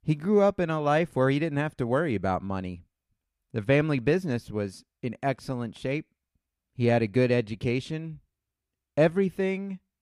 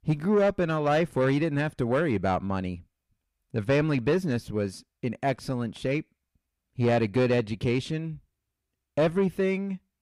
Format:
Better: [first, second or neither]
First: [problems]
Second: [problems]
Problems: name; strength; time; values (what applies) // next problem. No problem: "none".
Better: first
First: none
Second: distortion; slight; 10 dB below the speech